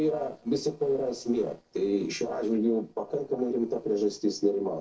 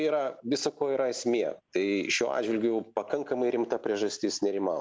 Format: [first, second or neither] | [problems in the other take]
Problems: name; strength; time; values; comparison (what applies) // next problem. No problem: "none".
second | noise reduction (neural separator model SepFormer DNS4)